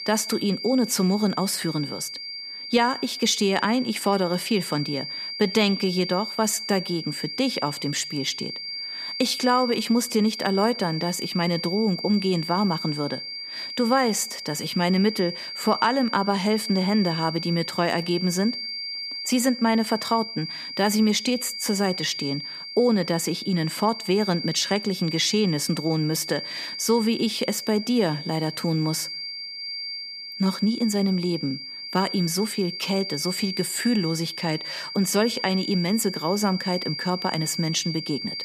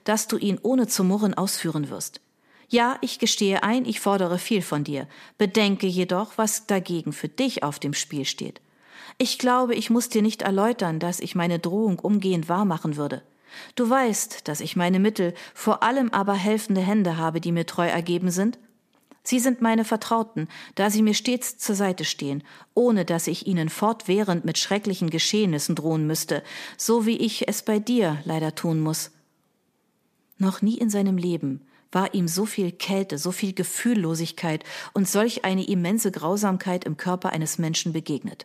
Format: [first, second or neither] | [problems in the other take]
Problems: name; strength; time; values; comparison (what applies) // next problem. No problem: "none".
second | high-pitched whine; loud; throughout; 4.5 kHz, 7 dB below the speech